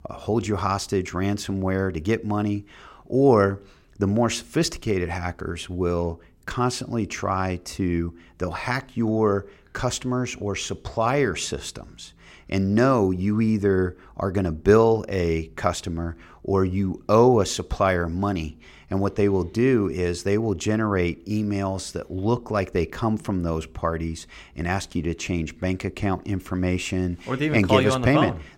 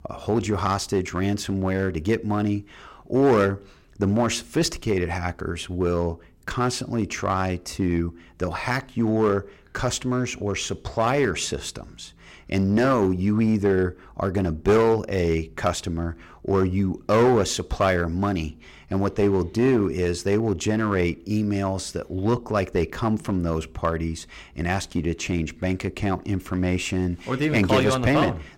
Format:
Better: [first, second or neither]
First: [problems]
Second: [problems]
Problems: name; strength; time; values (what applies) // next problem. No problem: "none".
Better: first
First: none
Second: distortion; slight; 4% of the sound clipped